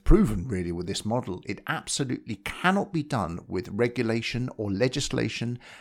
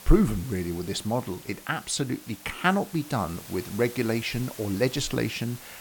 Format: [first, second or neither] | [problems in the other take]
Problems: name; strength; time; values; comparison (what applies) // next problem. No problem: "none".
first | hiss; noticeable; throughout; 15 dB below the speech